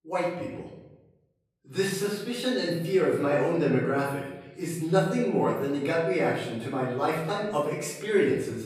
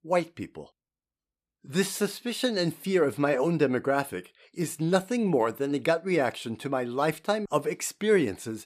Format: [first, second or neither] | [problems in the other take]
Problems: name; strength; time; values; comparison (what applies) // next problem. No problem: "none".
second | off-mic speech; far // room echo; noticeable; dies away in 0.9 s